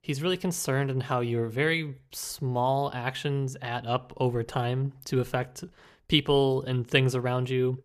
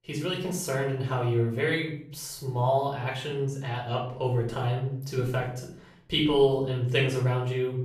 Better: first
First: none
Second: off-mic speech; far // room echo; noticeable; dies away in 0.5 s

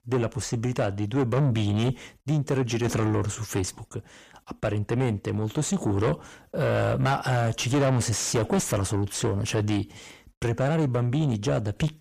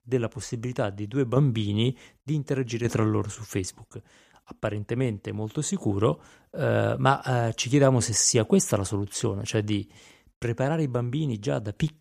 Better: second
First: distortion; heavy; 6 dB below the speech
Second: none

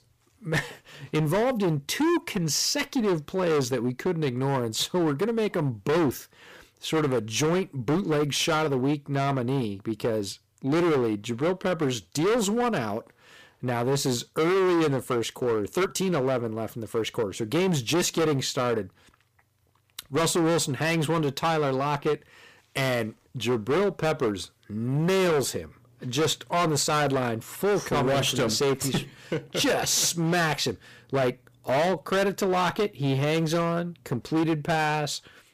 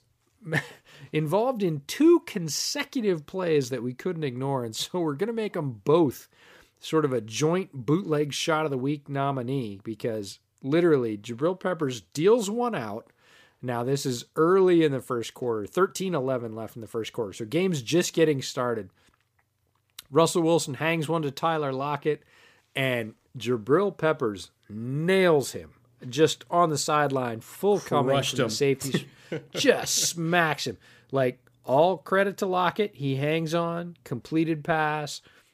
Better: second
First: distortion; heavy; 17% of the sound clipped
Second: none

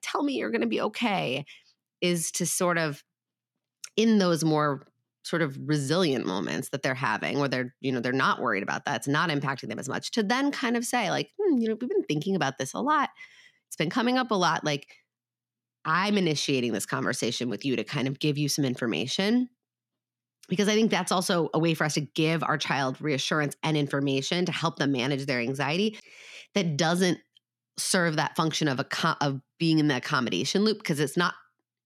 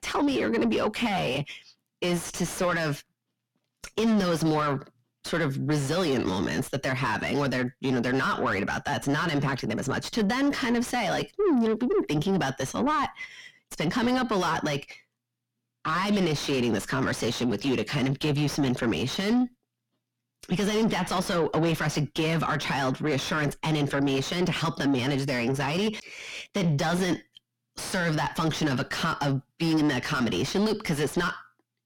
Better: first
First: none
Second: distortion; heavy; 5 dB below the speech

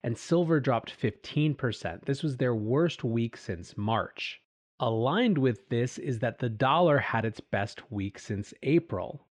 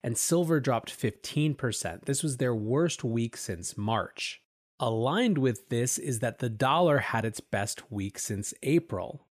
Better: second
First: muffled; slightly; fading above 4 kHz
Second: none

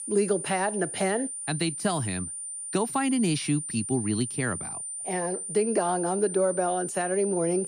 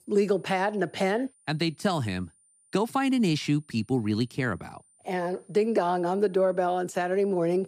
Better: second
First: high-pitched whine; loud; throughout; 9 kHz, 5 dB below the speech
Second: high-pitched whine; faint; throughout; 9 kHz, 35 dB below the speech

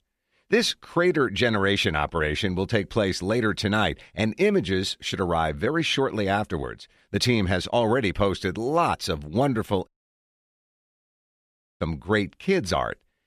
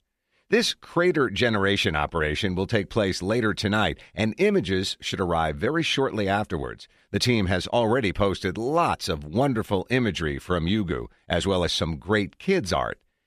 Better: second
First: audio cutting out; at 10 s for 2 s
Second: none

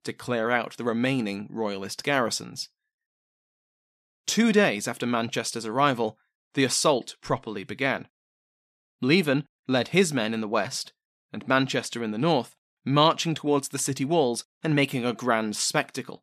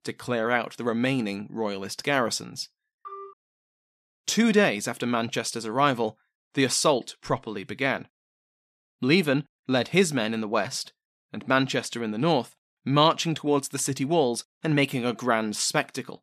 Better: first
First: none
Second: phone ringing; faint; at 3 s; peak 15 dB below the speech

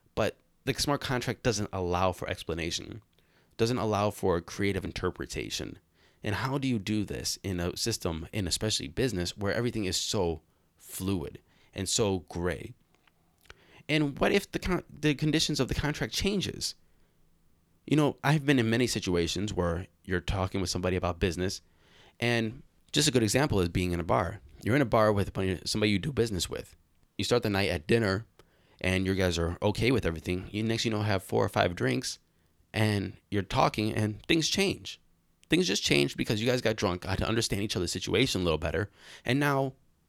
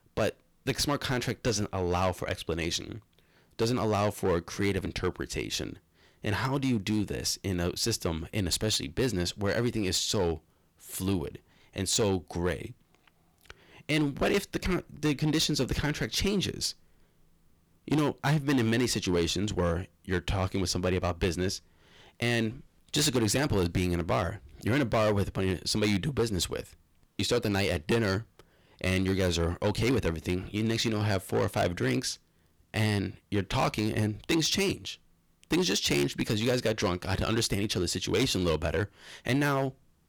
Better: first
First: none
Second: distortion; slight; 6% of the sound clipped

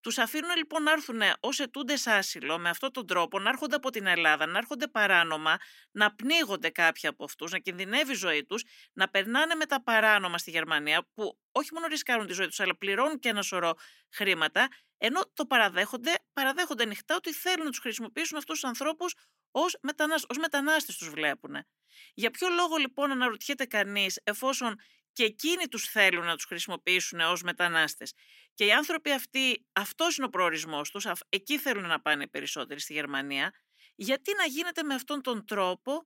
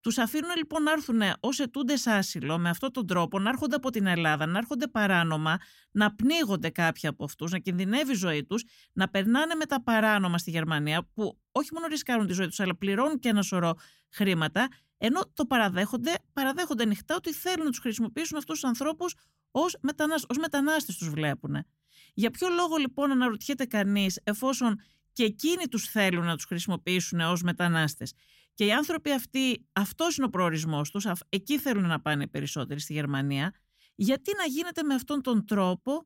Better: second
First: thin; somewhat; fading below 350 Hz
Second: none

